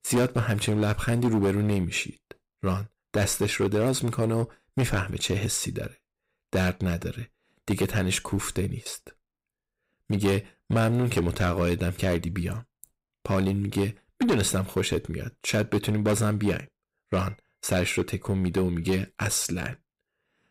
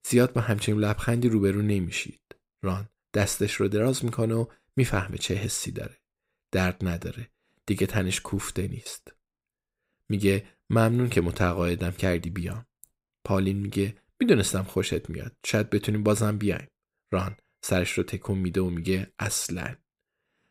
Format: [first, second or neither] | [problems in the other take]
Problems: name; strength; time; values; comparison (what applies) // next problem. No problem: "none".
second | distortion; slight; 7% of the sound clipped